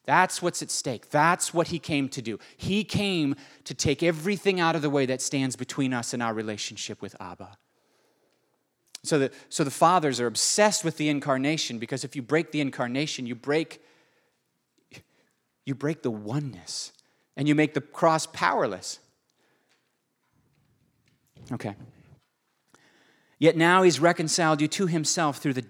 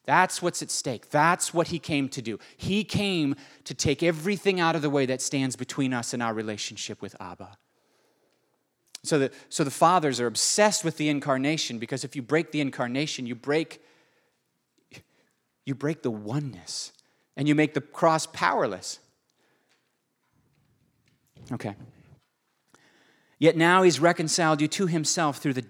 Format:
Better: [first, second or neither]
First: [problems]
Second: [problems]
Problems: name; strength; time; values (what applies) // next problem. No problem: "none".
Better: neither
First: none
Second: none